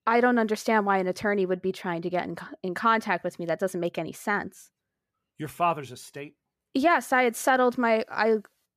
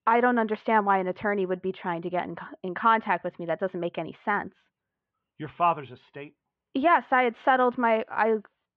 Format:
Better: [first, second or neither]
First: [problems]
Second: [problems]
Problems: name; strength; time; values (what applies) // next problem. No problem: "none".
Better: first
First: none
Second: muffled; very; fading above 3 kHz